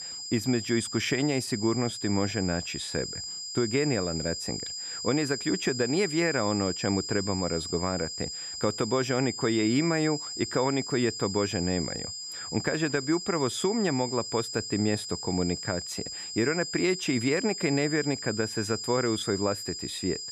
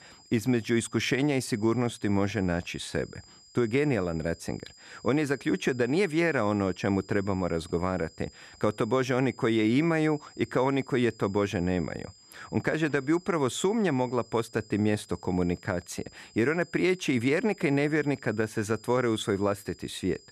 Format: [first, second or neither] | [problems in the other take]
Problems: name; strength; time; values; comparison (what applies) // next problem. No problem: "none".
second | high-pitched whine; loud; throughout; 5 kHz, 6 dB below the speech; faint in the second